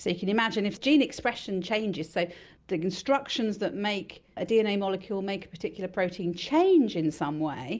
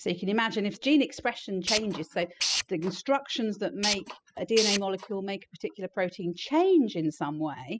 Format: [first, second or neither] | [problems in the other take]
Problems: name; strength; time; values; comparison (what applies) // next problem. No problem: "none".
first | noise reduction (classical method spectral subtraction)